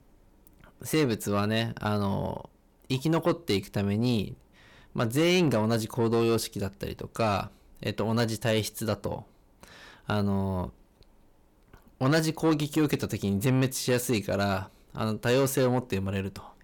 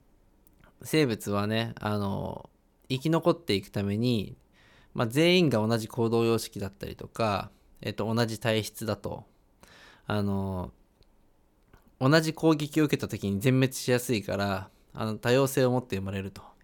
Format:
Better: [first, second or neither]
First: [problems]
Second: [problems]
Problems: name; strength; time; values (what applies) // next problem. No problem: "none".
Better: second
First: distortion; slight; 10 dB below the speech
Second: none